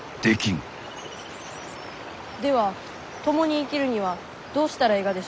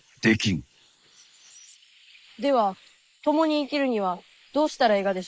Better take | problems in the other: first | noise reduction (neural mask model Resemble Enhance denoiser)

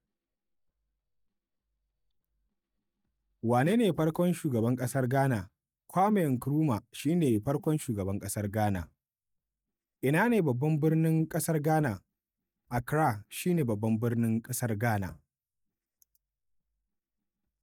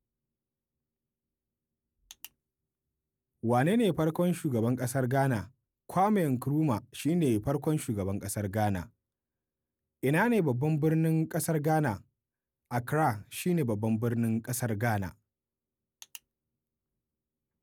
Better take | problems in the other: second | noise reduction (neural mask model DeepFilterNet 3)

